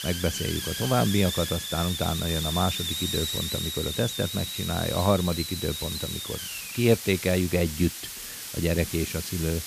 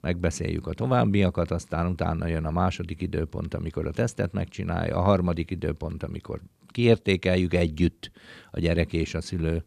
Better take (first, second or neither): second